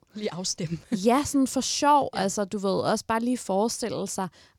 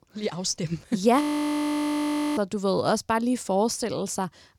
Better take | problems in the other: first | audio freezing; at 1 s for 1 s

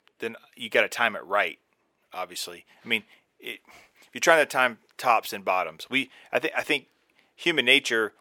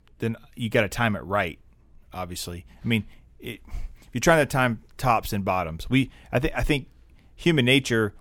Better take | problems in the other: second | thin; somewhat; fading below 450 Hz

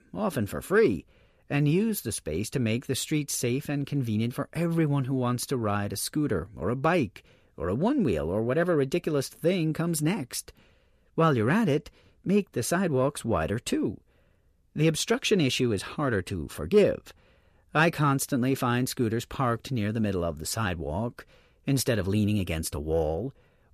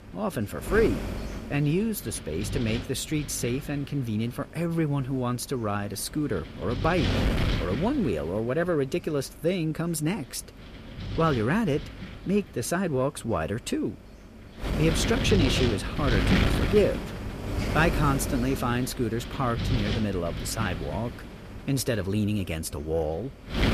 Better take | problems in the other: first | wind noise on the microphone; heavy; 5 dB below the speech

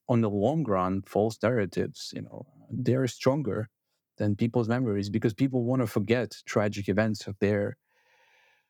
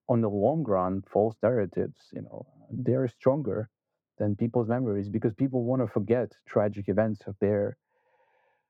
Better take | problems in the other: first | muffled; very; fading above 2.5 kHz

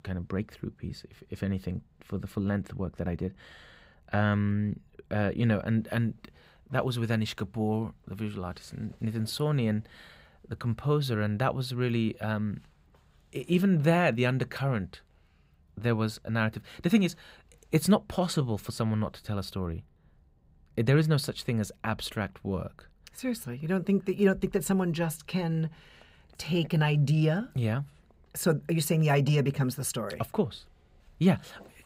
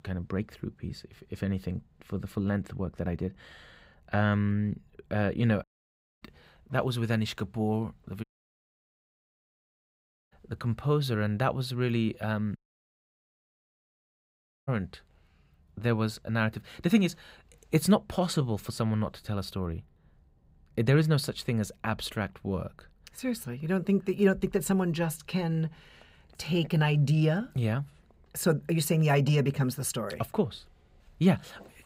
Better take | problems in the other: first | audio cutting out; at 5.5 s for 0.5 s, at 8 s for 2 s and at 13 s for 2 s

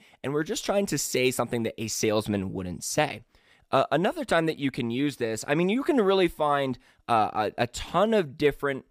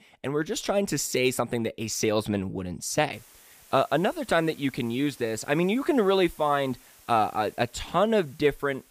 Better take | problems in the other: first | hiss; faint; from 3 s on; 25 dB below the speech

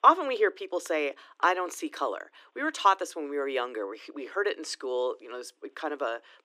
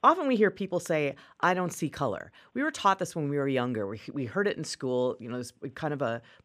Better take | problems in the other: second | thin; somewhat; fading below 300 Hz

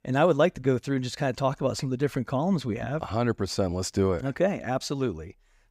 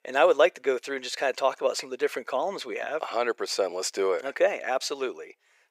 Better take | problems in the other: first | thin; very; fading below 450 Hz

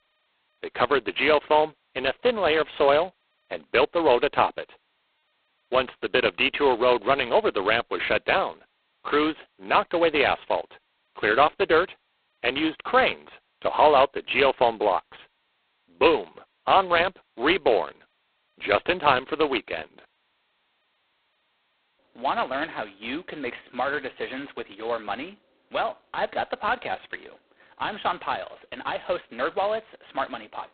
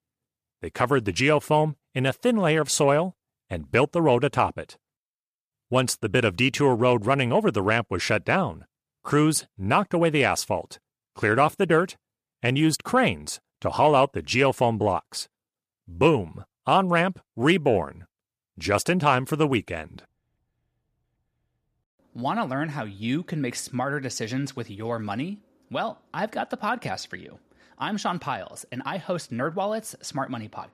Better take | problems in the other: second | phone-call audio; poor line; nothing above 4 kHz

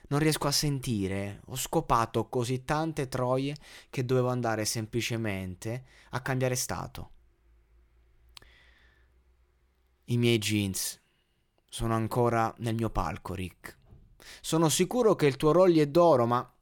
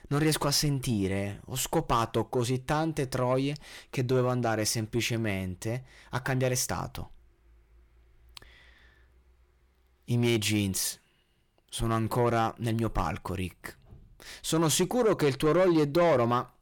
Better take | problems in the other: first | distortion; slight; 10 dB below the speech

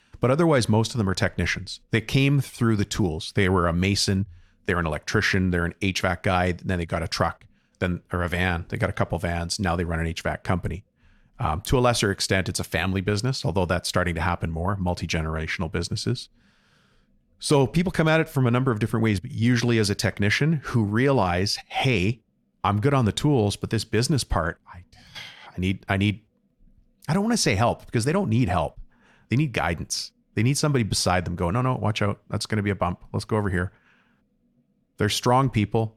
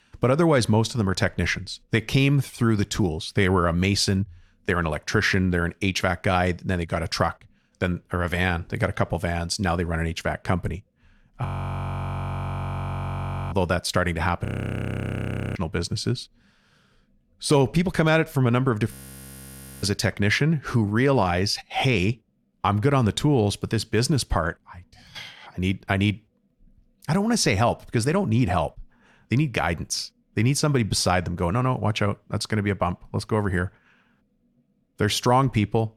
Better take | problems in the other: first | audio freezing; at 11 s for 2 s, at 14 s for 1 s and at 19 s for 1 s

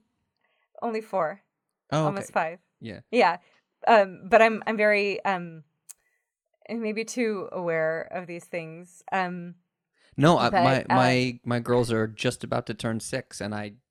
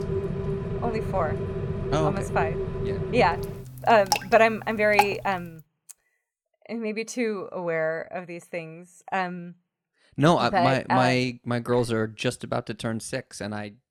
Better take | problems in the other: first | rain or running water; loud; until 5.5 s; 4 dB below the speech

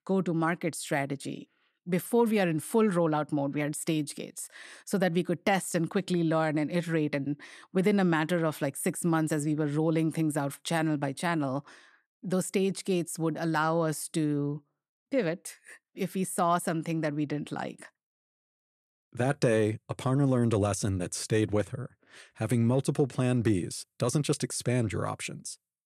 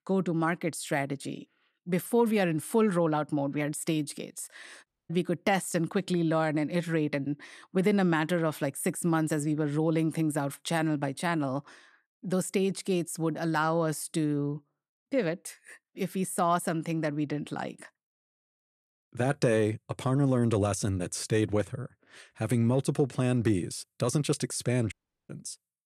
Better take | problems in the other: first | audio cutting out; at 5 s and at 25 s

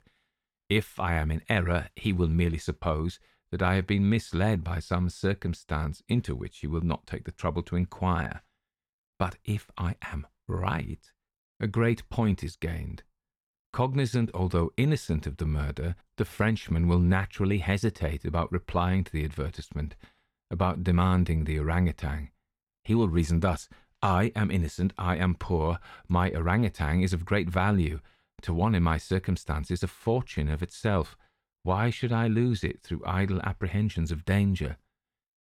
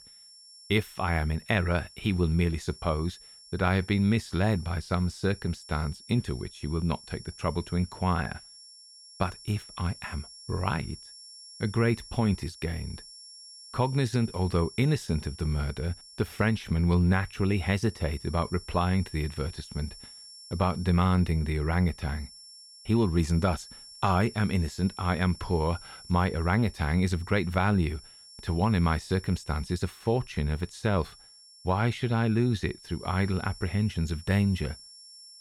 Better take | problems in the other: first | high-pitched whine; noticeable; throughout; 5.5 kHz, 20 dB below the speech

